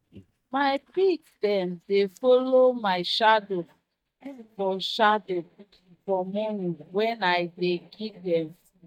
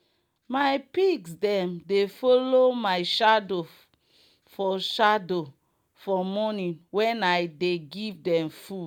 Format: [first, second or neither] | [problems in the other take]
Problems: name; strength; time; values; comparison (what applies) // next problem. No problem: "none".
second | noise reduction (neural mask model DeepFilterNet 3)